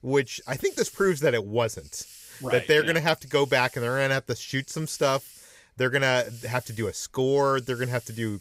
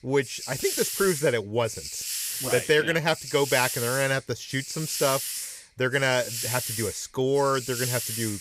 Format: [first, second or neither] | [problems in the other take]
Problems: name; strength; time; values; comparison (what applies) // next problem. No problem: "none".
first | hiss; loud; throughout; 5 dB below the speech; faint in the first